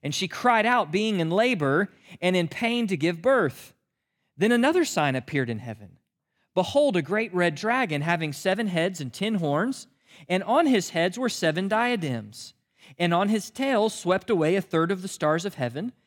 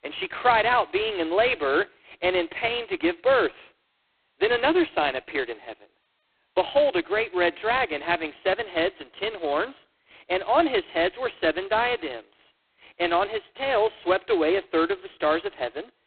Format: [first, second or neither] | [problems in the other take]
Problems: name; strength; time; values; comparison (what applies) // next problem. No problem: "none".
first | phone-call audio; poor line; nothing above 4 kHz